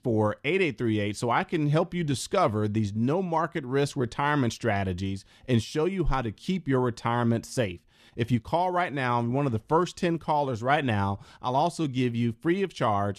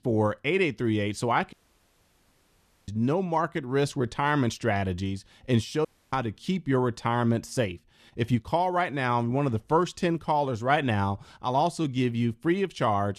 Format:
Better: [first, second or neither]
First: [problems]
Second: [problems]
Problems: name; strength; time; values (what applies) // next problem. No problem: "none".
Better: first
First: none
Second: audio cutting out; at 1.5 s for 1.5 s and at 6 s